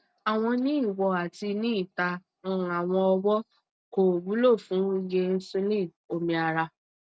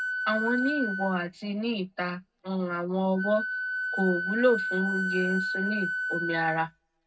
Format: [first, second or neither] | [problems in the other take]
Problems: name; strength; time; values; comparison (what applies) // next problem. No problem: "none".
first | background sound (Wind instrument, woodwind instrument); 4 dB below the speech // room echo; dies away in 0.3 s